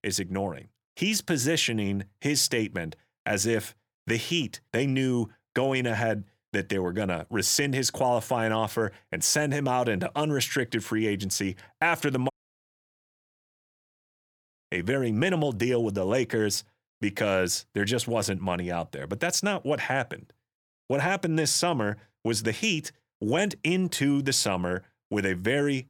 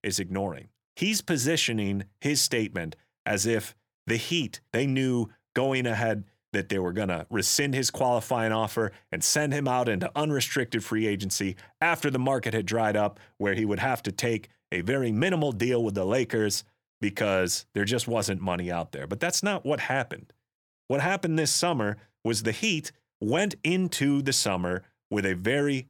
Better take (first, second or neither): second